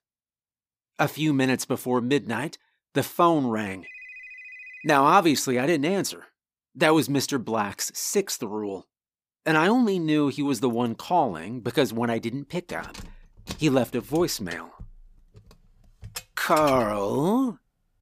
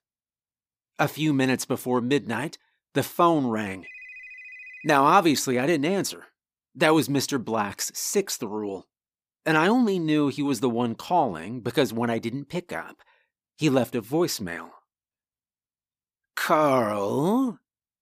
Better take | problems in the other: second | jangling keys; faint; from 12 to 17 s; peak 10 dB below the speech

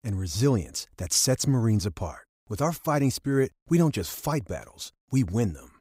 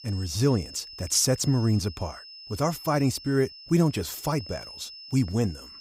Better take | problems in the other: first | high-pitched whine; noticeable; throughout; 5 kHz, 15 dB below the speech

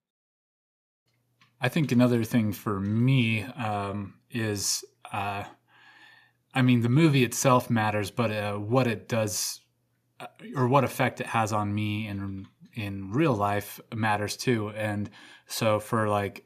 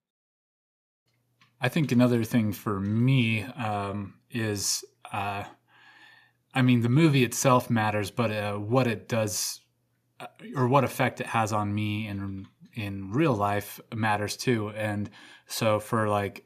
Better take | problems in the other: neither | none

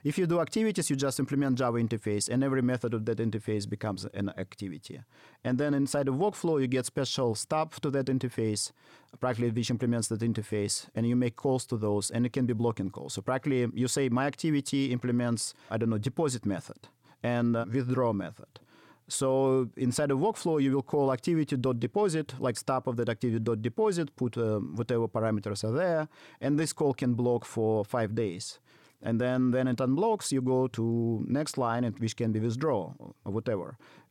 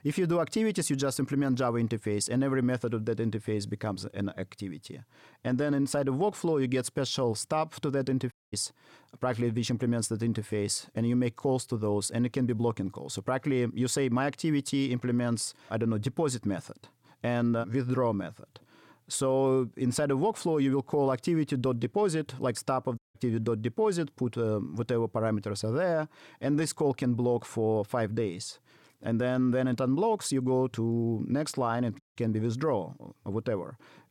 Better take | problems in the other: first | audio cutting out; at 8.5 s, at 23 s and at 32 s

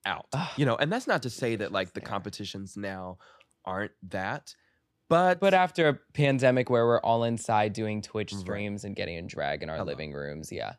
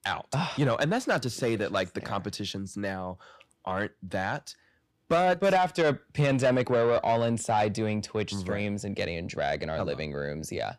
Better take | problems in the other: first | distortion; slight; 10 dB below the speech

